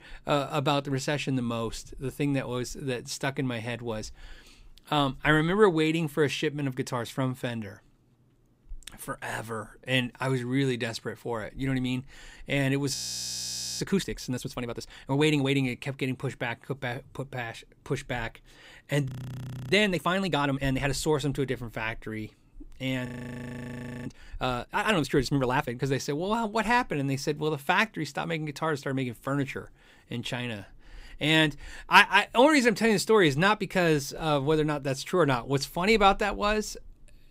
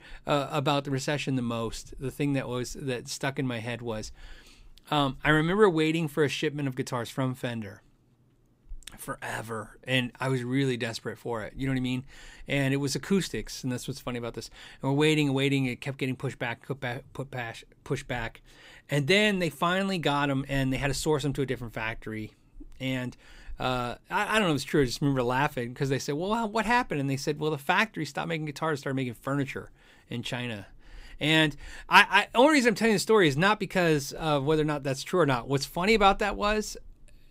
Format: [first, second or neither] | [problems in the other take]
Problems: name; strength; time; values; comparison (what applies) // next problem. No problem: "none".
second | audio freezing; at 13 s for 1 s, at 19 s for 0.5 s and at 23 s for 1 s